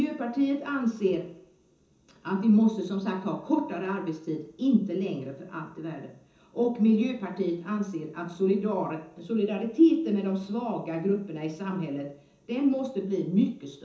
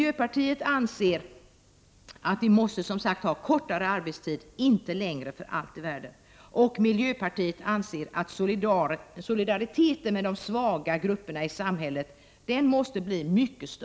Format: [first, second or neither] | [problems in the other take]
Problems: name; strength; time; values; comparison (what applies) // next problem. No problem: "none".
second | room echo; dies away in 0.6 s